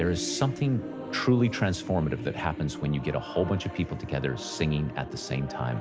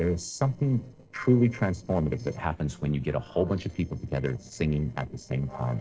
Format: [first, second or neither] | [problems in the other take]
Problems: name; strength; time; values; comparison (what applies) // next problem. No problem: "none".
first | noise reduction (neural separator model SepFormer DNS4)